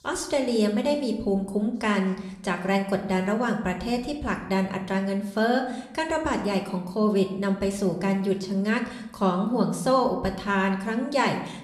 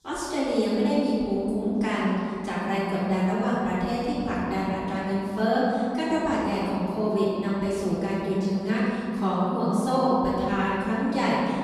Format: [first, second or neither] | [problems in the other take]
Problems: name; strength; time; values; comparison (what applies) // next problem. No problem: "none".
first | room echo; strong; dies away in 2.9 s; slight in the first // off-mic speech; far